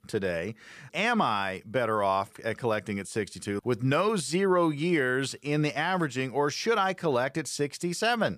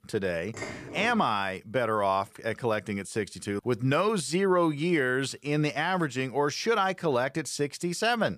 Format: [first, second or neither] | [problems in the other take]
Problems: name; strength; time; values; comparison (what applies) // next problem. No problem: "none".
first | clattering dishes; faint; at 0.5 s; peak 10 dB below the speech